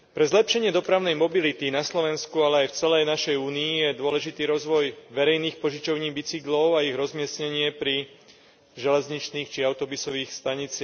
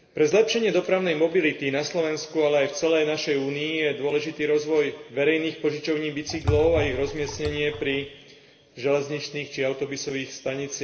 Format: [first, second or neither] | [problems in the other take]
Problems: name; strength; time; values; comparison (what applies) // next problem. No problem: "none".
first | background sound (Liquid); 8 dB below the speech // room echo; dies away in 1.4 s